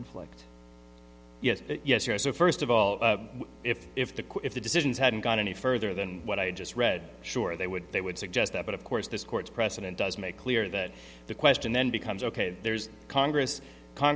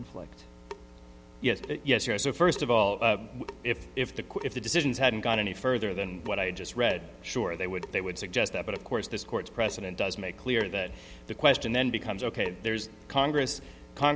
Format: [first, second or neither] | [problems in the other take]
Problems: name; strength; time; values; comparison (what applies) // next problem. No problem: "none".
first | background sound (Drip / Sink (filling or washing) / Water tap, faucet); 19 dB below the speech